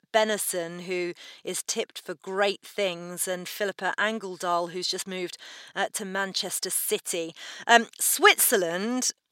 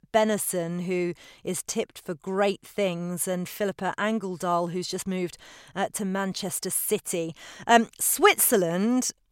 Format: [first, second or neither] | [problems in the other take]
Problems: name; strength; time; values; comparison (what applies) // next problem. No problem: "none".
second | thin; very slightly; fading below 300 Hz